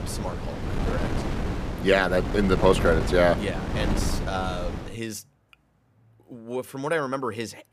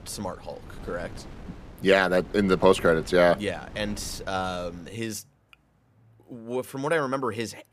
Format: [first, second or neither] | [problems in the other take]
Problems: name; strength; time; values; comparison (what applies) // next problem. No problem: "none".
second | wind noise on the microphone; heavy; until 5 s; 8 dB below the speech; occasional gusts in the second